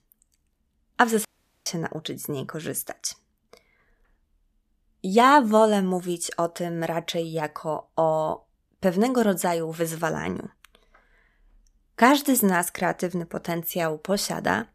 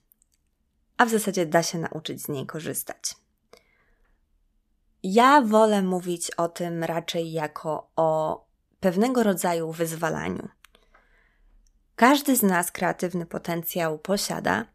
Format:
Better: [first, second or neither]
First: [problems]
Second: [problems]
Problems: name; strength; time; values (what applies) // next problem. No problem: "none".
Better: second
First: audio cutting out; at 1.5 s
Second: none